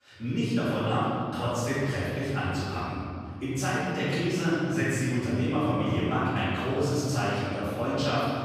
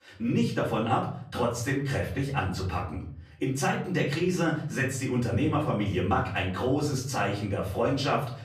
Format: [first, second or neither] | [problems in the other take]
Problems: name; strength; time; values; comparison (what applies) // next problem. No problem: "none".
second | room echo; strong; dies away in 2.4 s; slight in the second // off-mic speech; far; far in the second